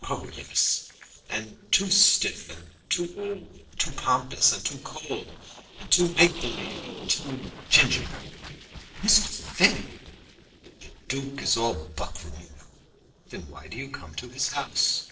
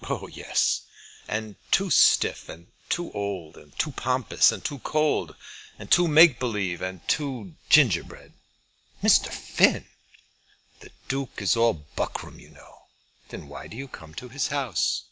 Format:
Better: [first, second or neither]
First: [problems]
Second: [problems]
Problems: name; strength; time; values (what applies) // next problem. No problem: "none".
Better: second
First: noise reduction (neural separator model SepFormer DNS4)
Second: none